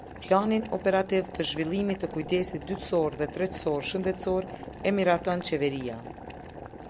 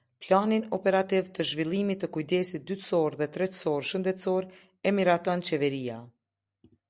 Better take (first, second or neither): second